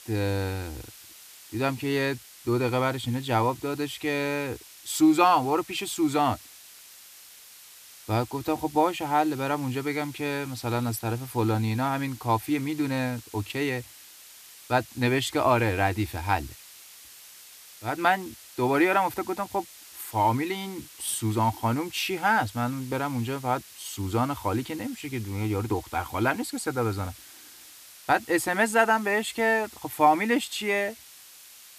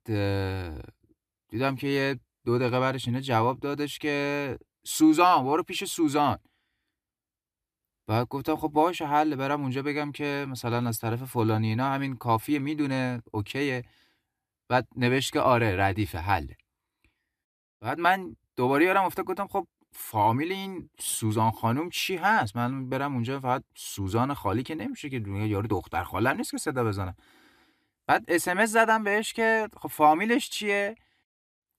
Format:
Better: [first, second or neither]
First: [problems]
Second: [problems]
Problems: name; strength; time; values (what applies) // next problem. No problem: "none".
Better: second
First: hiss; noticeable; throughout; 20 dB below the speech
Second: none